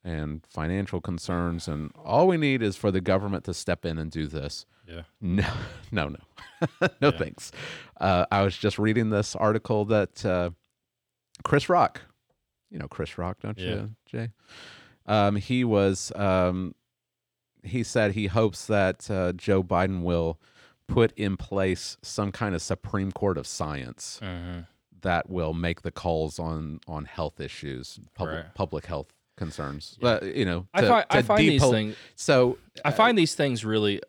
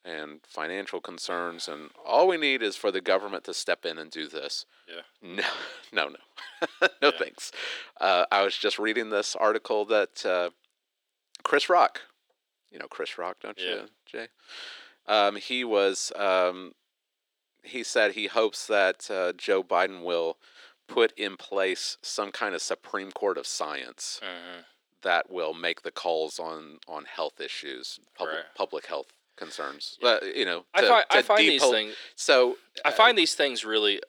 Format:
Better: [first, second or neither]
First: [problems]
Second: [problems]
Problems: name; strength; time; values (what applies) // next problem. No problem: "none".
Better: first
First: none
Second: thin; very; fading below 350 Hz